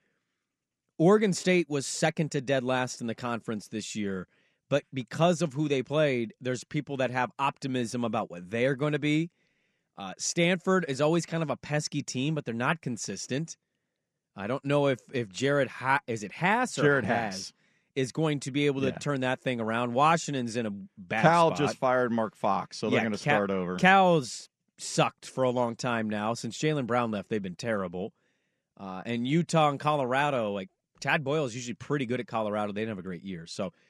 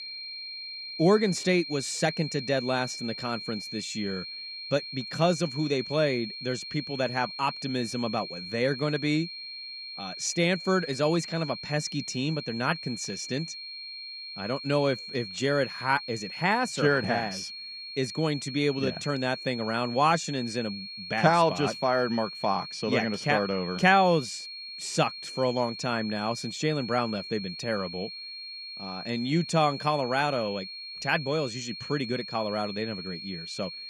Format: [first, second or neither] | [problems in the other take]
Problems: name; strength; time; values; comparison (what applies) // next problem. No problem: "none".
first | high-pitched whine; loud; throughout; 4.5 kHz, 9 dB below the speech